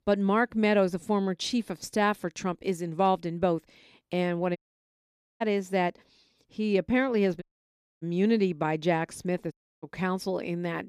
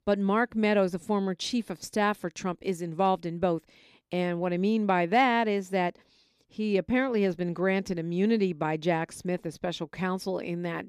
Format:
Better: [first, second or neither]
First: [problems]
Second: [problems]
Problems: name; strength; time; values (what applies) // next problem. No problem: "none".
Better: second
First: audio cutting out; at 4.5 s for 1 s, at 7.5 s for 0.5 s and at 9.5 s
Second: none